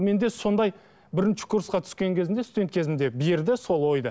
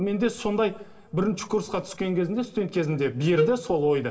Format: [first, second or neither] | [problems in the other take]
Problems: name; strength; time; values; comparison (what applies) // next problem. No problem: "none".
first | background sound (Wind instrument, woodwind instrument); 1 dB below the speech // room echo; dies away in 0.8 s